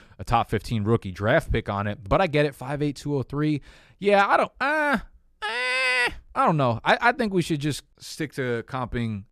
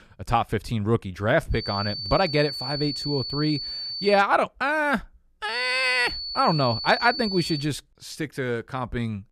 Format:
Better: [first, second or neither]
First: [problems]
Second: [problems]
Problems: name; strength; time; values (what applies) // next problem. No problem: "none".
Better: first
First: none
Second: high-pitched whine; loud; from 1.5 to 4 s and from 5.5 to 7.5 s; 4.5 kHz, 5 dB below the speech